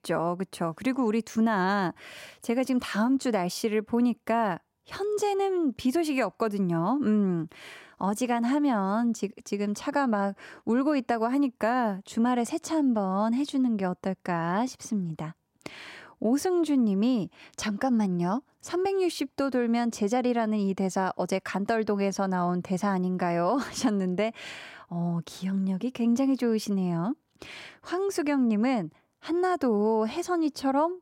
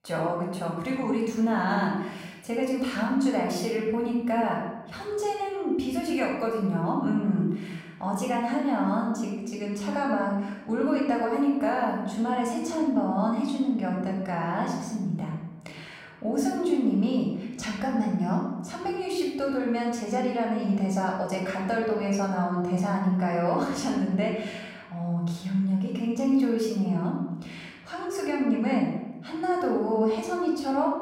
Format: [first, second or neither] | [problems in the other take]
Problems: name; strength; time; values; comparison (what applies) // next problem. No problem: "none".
first | off-mic speech; far // room echo; noticeable; dies away in 1 s